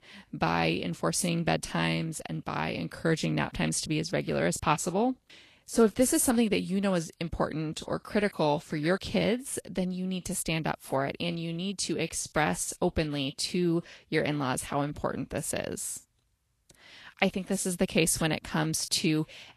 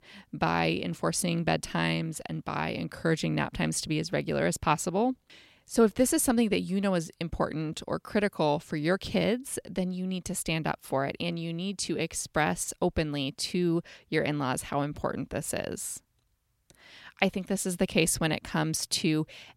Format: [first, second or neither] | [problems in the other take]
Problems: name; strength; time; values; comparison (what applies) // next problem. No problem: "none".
second | garbled, watery; slightly; nothing above 11.5 kHz